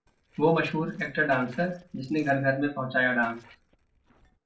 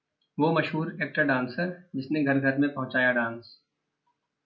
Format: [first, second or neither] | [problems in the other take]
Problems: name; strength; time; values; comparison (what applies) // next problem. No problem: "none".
second | noise reduction (neural separator model SepFormer DNS4)